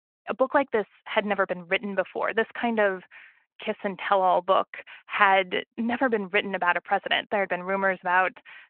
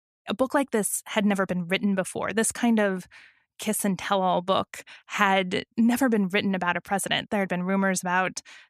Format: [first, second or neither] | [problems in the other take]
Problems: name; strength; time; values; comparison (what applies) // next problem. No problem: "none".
second | phone-call audio